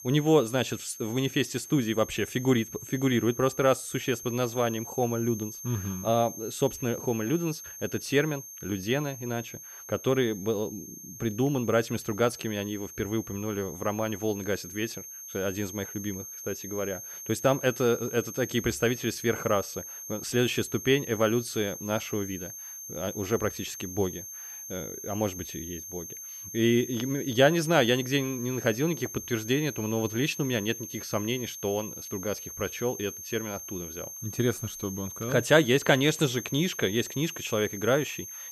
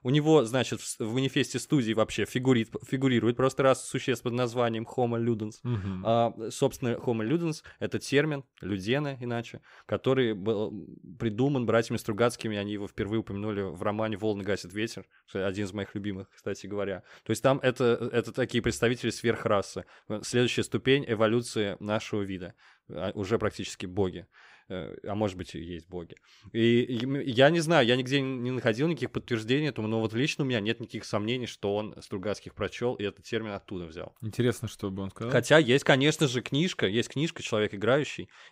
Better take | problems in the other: second | high-pitched whine; noticeable; throughout; 6.5 kHz, 10 dB below the speech

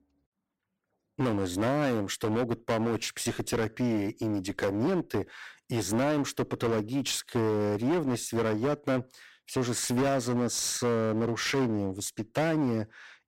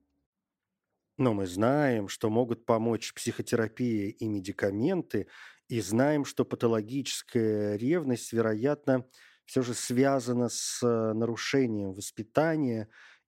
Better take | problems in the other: second | distortion; heavy; 18% of the sound clipped

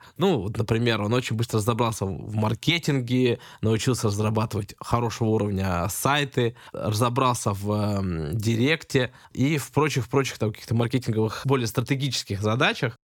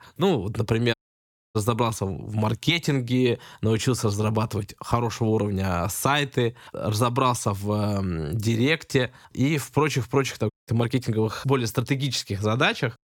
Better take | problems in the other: first | audio cutting out; at 1 s for 0.5 s and at 11 s

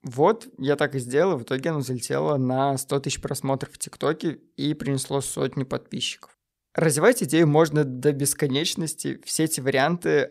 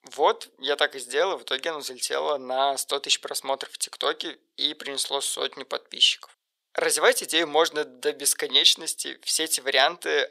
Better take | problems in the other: first | thin; very; fading below 500 Hz

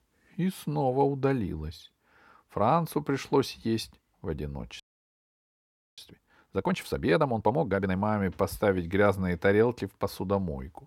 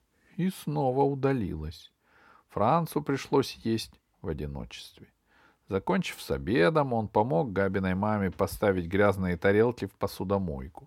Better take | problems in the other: second | audio freezing; at 5 s for 1 s

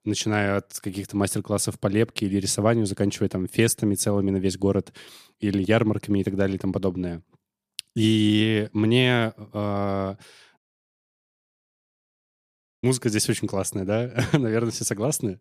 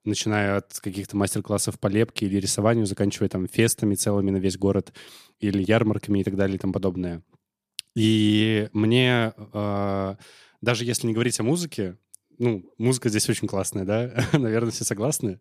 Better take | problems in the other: second | audio cutting out; at 11 s for 2.5 s

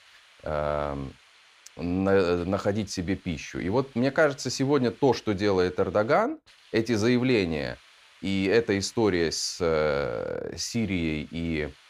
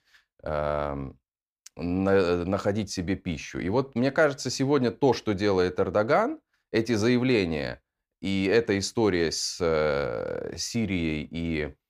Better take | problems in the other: second | hiss; faint; throughout; 30 dB below the speech

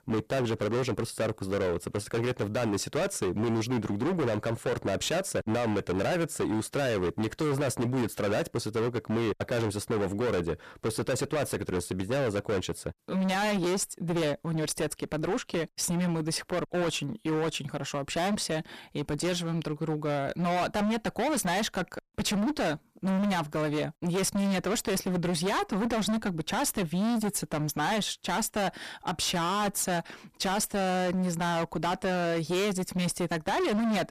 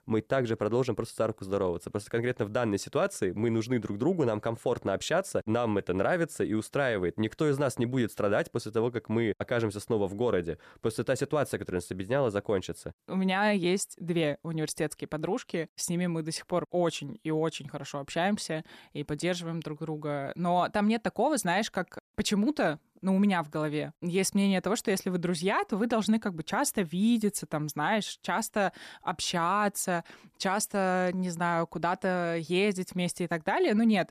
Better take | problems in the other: second | distortion; heavy; 28% of the sound clipped

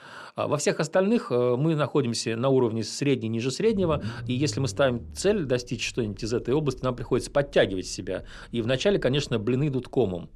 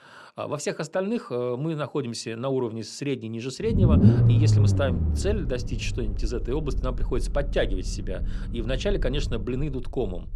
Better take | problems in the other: first | low rumble; loud; from 3.5 s on; 1 dB below the speech; faint in the first

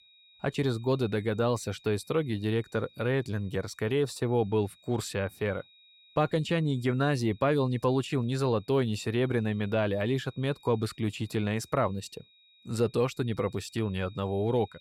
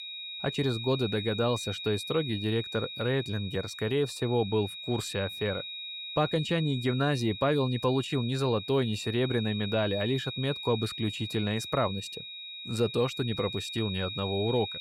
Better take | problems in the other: first | high-pitched whine; loud; throughout; 4 kHz, 7 dB below the speech; faint in the first

